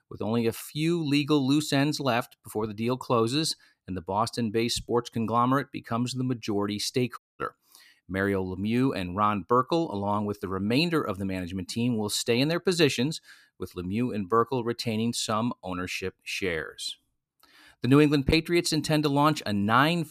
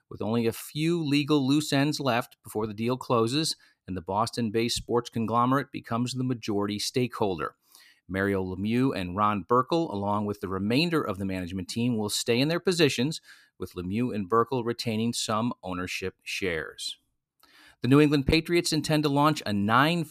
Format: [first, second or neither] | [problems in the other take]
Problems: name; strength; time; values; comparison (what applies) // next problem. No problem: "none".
second | audio cutting out; at 7 s